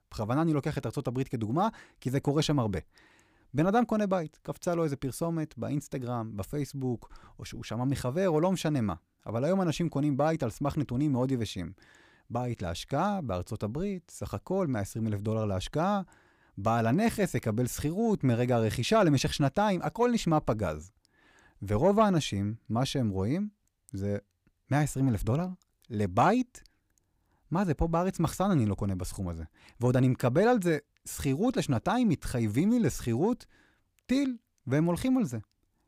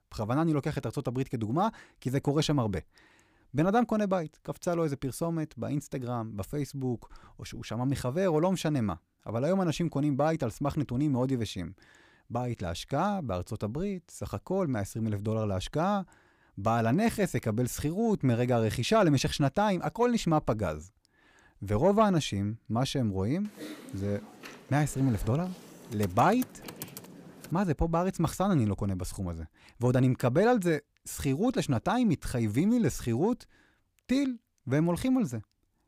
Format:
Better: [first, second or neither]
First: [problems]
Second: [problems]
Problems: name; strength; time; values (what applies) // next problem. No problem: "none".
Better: first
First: none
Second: keyboard typing; faint; from 23 to 28 s; peak 10 dB below the speech